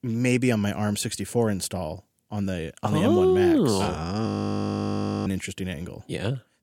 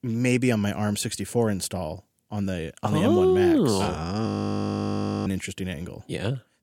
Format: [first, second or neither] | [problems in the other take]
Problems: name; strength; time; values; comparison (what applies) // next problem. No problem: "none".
neither | audio freezing; at 4.5 s for 1 s; the same in both